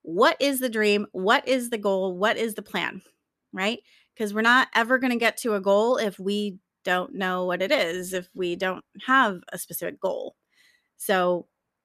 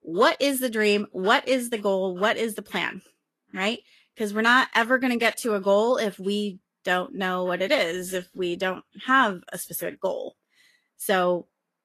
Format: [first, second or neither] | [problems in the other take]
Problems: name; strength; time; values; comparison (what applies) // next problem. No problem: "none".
first | garbled, watery; slightly; nothing above 13 kHz